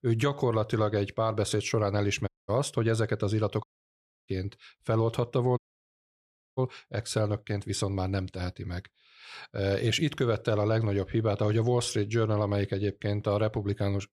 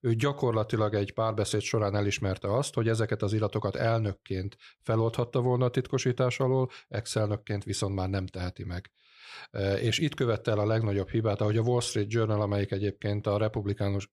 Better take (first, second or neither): second